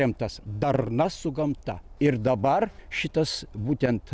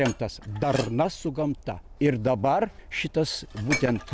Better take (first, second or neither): first